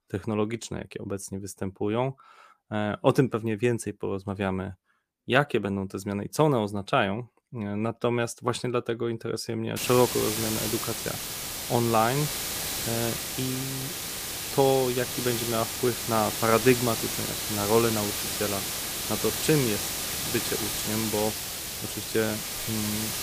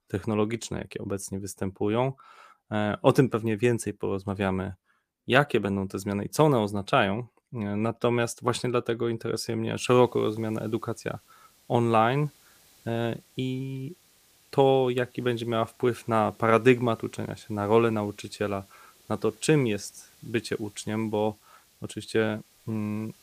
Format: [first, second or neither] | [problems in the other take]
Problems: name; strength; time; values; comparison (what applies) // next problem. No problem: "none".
second | hiss; loud; from 10 s on; 2 dB below the speech; faint in the second